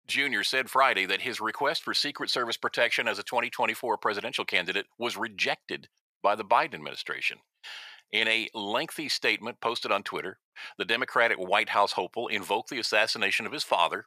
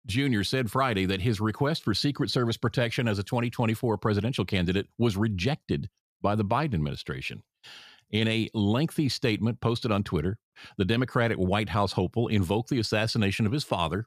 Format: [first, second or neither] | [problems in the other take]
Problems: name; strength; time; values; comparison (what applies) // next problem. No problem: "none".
second | thin; very; fading below 600 Hz